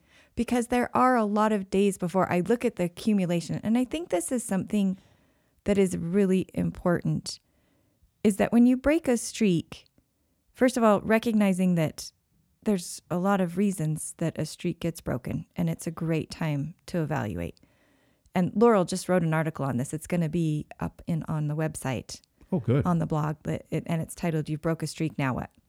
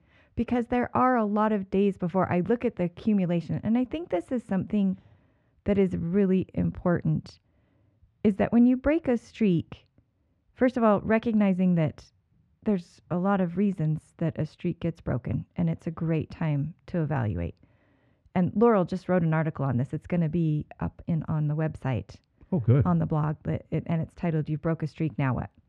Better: first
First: none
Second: muffled; very; fading above 2.5 kHz

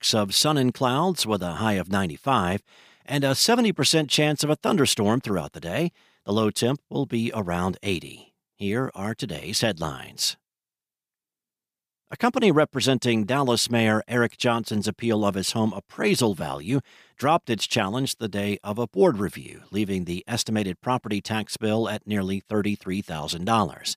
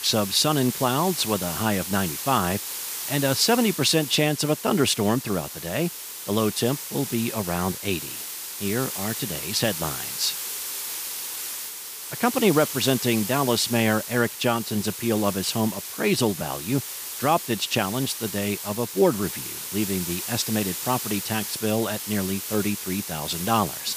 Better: first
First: none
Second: hiss; loud; throughout; 6 dB below the speech

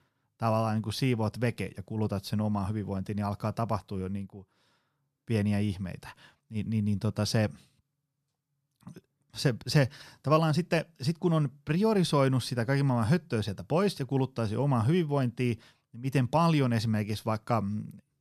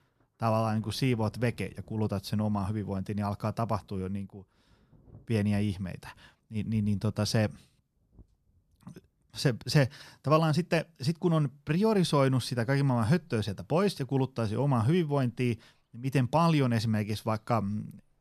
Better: first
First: none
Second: rain or running water; faint; throughout; 30 dB below the speech

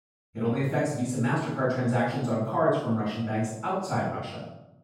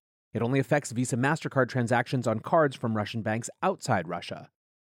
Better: second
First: off-mic speech; far // room echo; strong; dies away in 0.8 s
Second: none

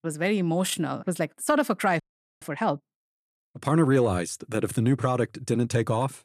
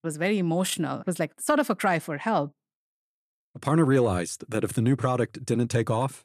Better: second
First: audio freezing; at 2 s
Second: none

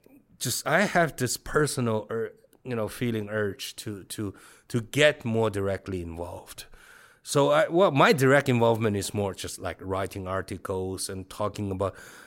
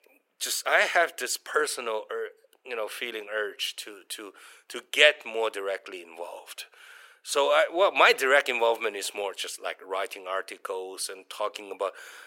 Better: first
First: none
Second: thin; very; fading below 450 Hz

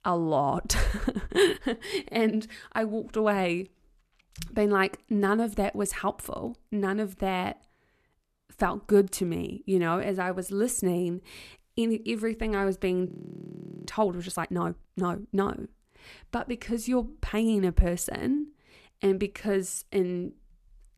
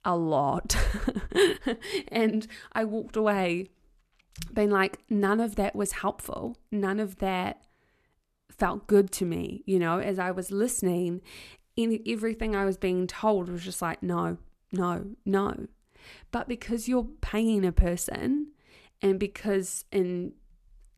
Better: second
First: audio freezing; at 13 s for 1 s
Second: none

